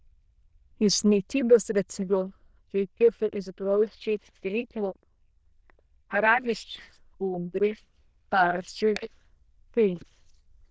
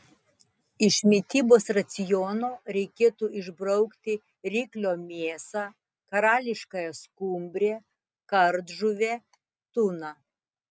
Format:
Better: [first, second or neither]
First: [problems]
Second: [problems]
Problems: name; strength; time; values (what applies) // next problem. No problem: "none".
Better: second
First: noise reduction (neural diffusion model UNIVERSE++)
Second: none